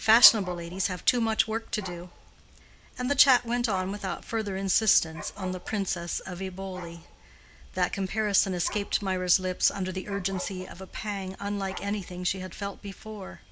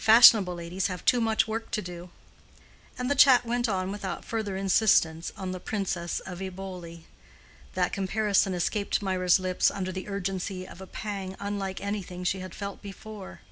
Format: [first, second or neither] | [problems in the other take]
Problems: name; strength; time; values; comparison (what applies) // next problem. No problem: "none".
second | background sound (Dog); 19 dB below the speech